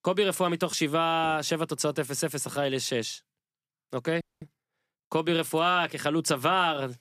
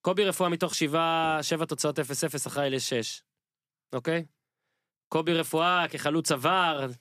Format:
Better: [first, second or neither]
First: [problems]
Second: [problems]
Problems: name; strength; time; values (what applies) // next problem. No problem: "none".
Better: second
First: audio freezing; at 4 s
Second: none